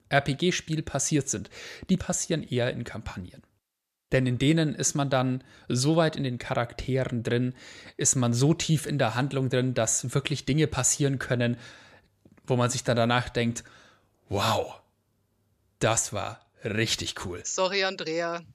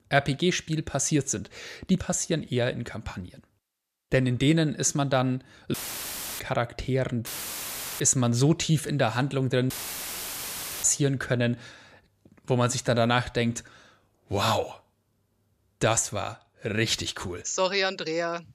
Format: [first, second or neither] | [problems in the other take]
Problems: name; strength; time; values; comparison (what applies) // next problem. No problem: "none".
first | audio cutting out; filled with static; at 5.5 s for 0.5 s, at 7.5 s for 0.5 s and at 9.5 s for 1 s